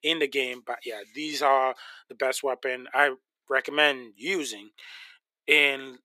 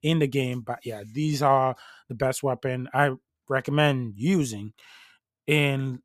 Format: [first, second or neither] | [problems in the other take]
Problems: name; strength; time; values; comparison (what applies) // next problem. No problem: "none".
second | thin; very; fading below 350 Hz